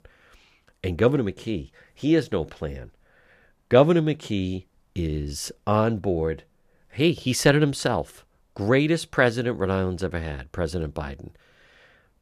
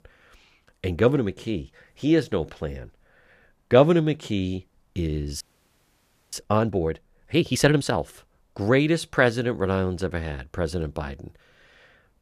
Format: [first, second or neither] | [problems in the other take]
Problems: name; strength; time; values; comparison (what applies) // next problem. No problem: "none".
first | audio freezing; at 5.5 s for 1 s